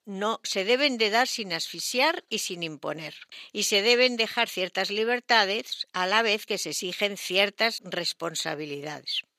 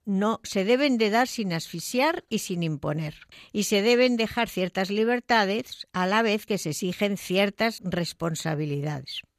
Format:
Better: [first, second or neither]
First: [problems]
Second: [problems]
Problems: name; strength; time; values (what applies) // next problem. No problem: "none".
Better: second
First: thin; somewhat; fading below 350 Hz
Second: none